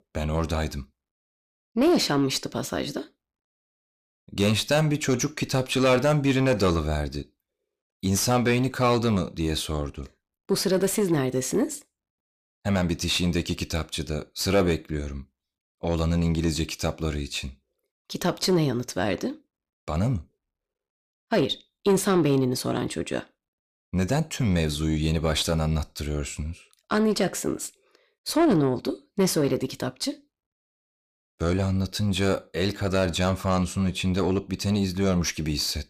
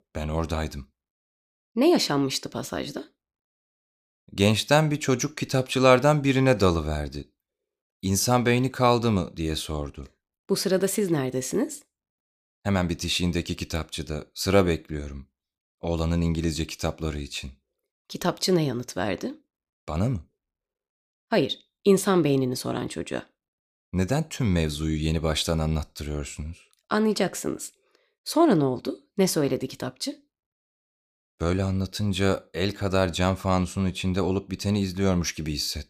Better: second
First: distortion; slight; 10 dB below the speech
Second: none

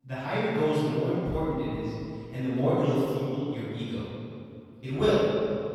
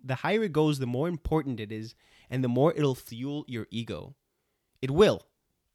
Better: second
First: off-mic speech; far // room echo; strong; dies away in 2.3 s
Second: none

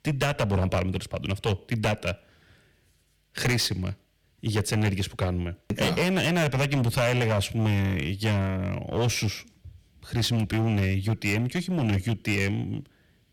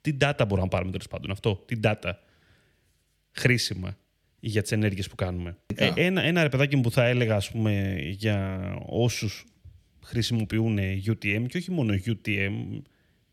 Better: second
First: distortion; heavy; 13% of the sound clipped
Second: none

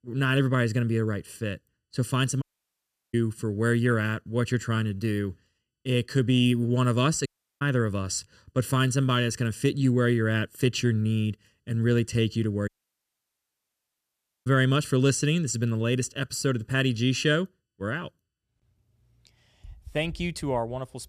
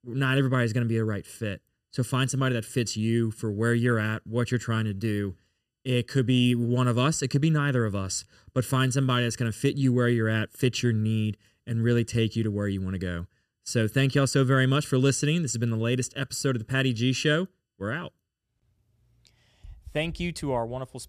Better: second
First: audio cutting out; at 2.5 s for 0.5 s, at 7.5 s and at 13 s for 2 s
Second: none

